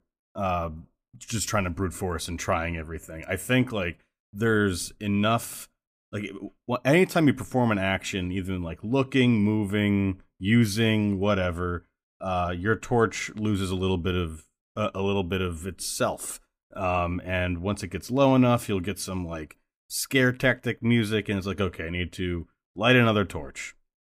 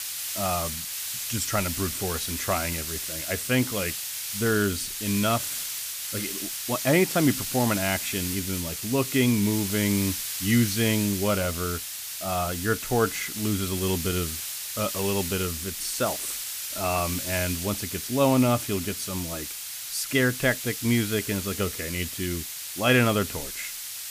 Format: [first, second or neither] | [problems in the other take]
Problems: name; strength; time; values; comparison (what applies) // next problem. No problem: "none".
first | hiss; loud; throughout; 4 dB below the speech